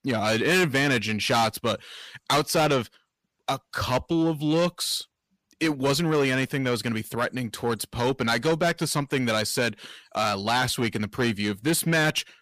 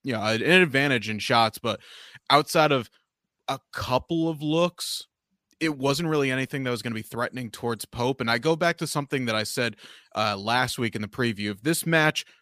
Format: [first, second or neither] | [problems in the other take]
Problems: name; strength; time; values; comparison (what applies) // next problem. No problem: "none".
second | distortion; heavy; 7 dB below the speech